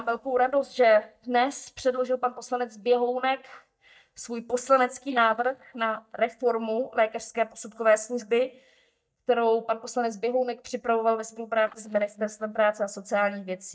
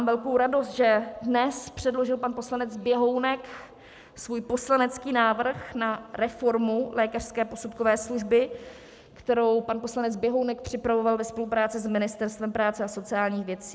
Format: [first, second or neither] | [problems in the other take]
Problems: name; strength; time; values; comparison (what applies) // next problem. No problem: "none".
second | noise reduction (neural mask model DeepFilterNet 3)